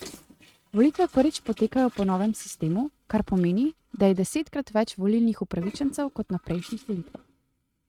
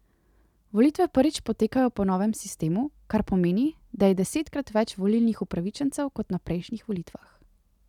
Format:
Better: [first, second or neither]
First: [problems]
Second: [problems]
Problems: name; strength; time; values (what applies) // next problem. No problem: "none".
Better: second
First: noise reduction (neural mask model RNNoise)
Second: none